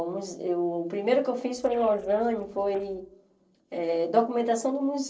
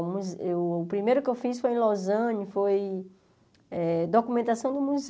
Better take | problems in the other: second | noise reduction (neural separator model SepFormer DNS4)

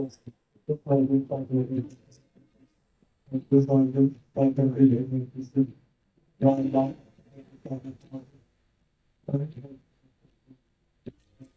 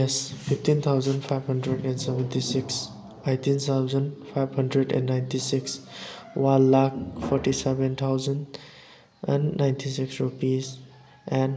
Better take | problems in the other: second | noise reduction (neural mask model DeepFilterNet 3)

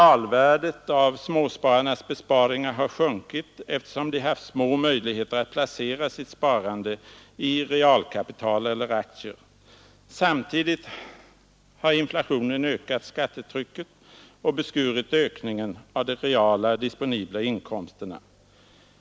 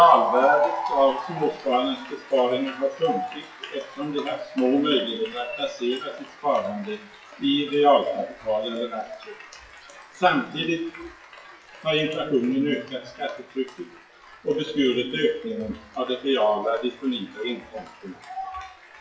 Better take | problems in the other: first | noise reduction (classical method WPE with log-MMSE)

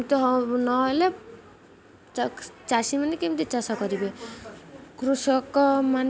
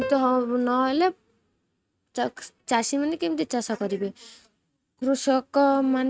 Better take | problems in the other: first | noise reduction (neural mask model RNNoise)

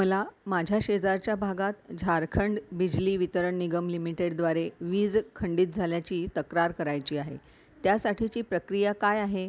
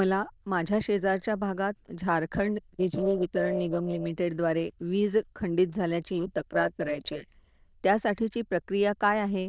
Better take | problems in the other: first | noise reduction (neural diffusion model UNIVERSE++)

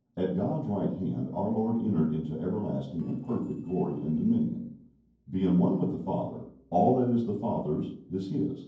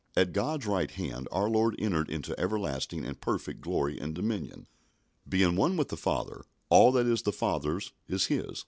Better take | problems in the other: second | noise reduction (neural separator model SepFormer DNS4)

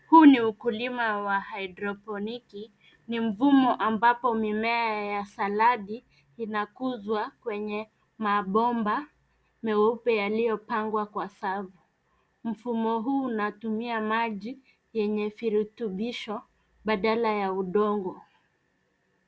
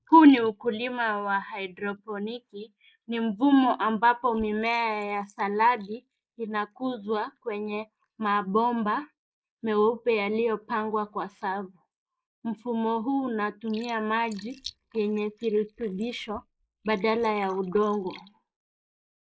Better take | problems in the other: first | noise reduction (neural mask model Resemble Enhance denoiser)

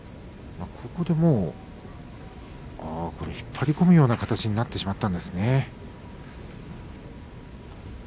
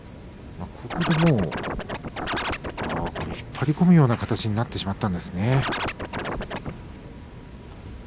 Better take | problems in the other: first | background sound (Scratching (performance technique)); 4 dB below the speech

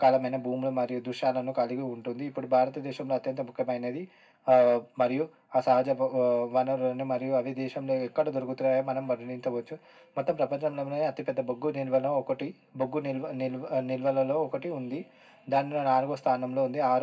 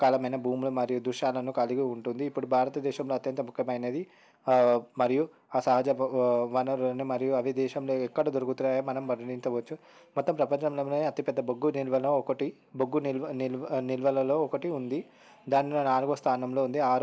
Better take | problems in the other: second | room echo; dies away in 0.4 s

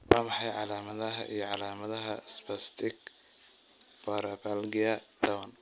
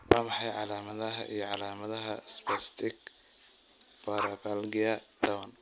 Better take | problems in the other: first | background sound (Dog); 11 dB below the speech

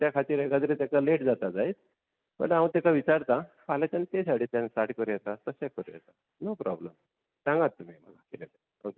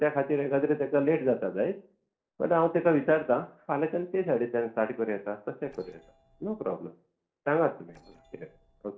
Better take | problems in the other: first | noise reduction (neural separator model SepFormer DNS4)

